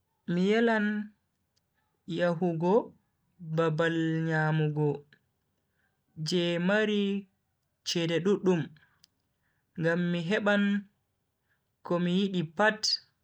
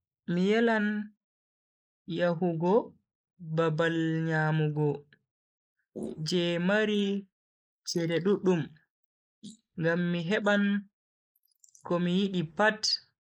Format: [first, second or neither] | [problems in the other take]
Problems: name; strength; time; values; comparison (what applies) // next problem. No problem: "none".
first | noise reduction (neural mask model Resemble Enhance denoiser)